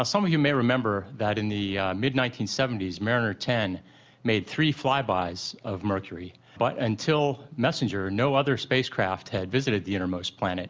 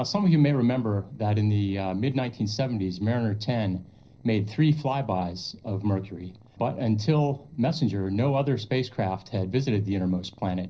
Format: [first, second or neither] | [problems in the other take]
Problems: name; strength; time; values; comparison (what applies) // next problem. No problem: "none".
first | noise reduction (neural separator model SepFormer DNS4)